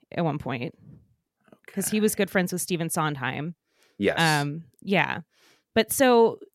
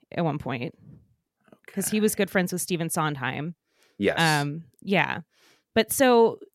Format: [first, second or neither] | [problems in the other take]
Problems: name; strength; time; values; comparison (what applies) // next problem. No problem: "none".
neither | none